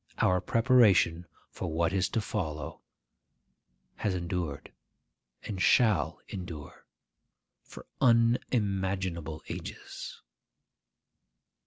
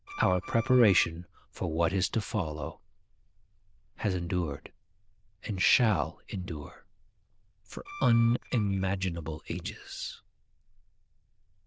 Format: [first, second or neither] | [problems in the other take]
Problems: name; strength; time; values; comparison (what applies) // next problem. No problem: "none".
first | noise reduction (neural diffusion model UNIVERSE++)